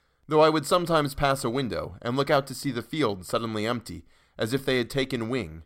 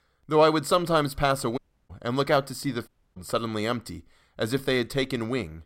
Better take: first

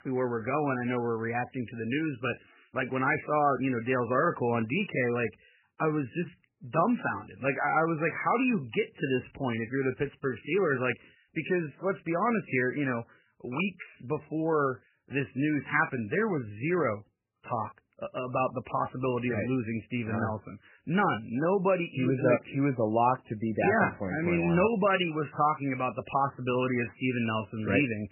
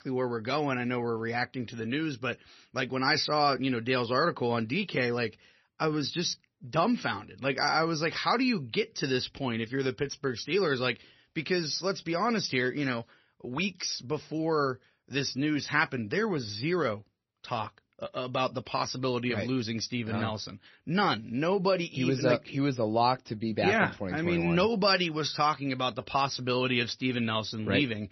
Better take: second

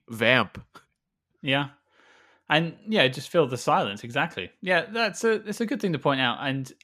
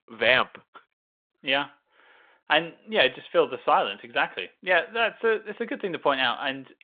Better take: first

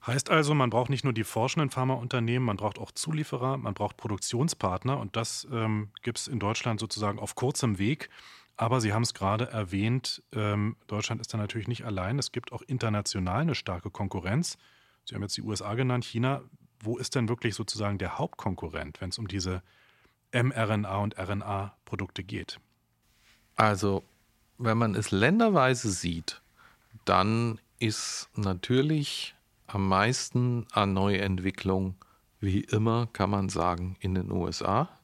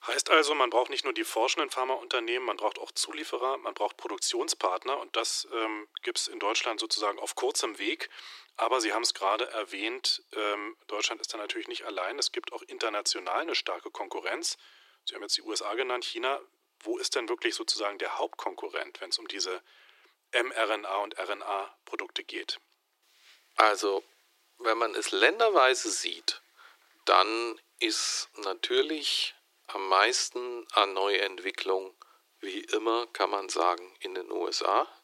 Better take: first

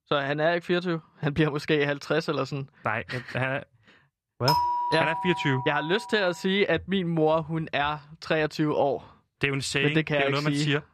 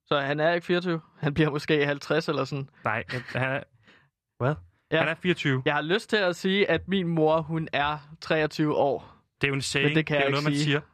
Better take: second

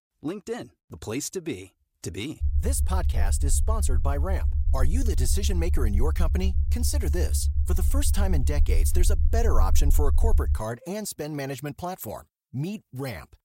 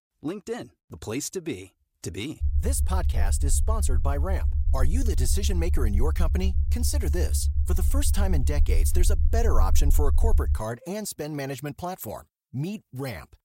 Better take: neither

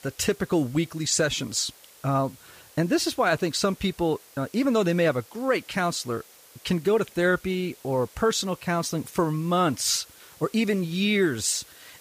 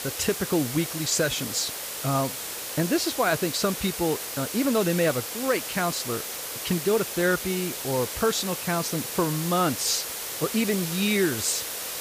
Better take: first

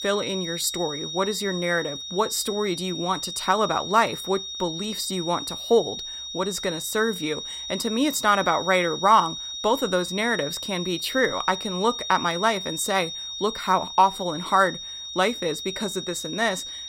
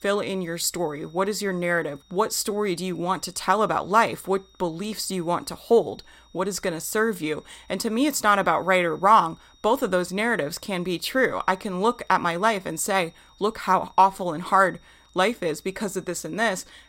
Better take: second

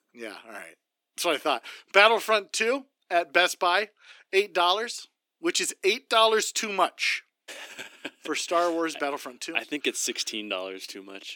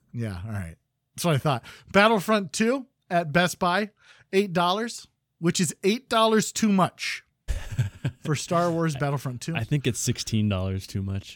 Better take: second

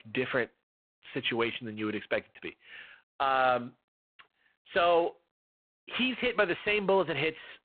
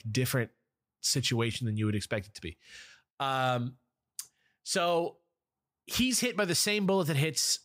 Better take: second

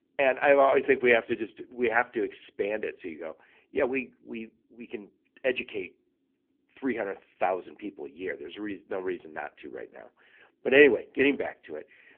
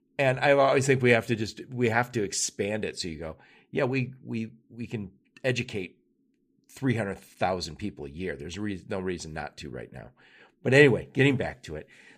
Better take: second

